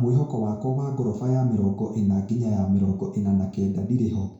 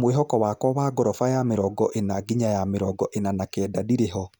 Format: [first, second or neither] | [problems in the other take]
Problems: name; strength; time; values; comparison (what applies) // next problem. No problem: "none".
second | room echo; dies away in 0.6 s